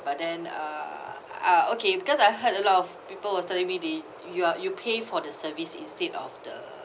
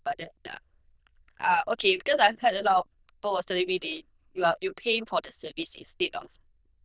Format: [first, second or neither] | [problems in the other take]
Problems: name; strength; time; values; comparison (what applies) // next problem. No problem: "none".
first | noise reduction (neural diffusion model UNIVERSE++)